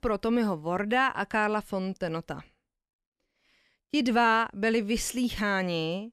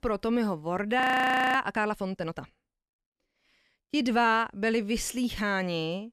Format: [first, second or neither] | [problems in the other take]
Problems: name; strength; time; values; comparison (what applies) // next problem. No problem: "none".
first | audio freezing; at 1 s for 0.5 s